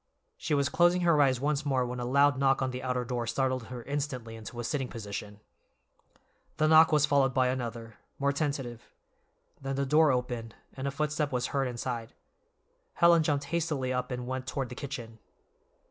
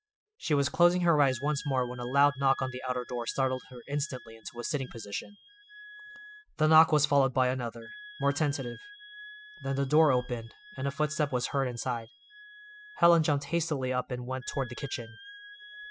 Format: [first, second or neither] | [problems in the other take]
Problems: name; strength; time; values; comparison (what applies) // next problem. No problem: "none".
first | noise reduction (classical method spectral subtraction)